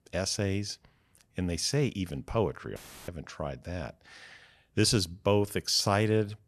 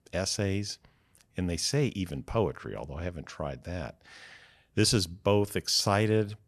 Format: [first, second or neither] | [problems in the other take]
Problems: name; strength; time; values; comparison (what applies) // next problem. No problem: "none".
second | audio cutting out; filled with static; at 3 s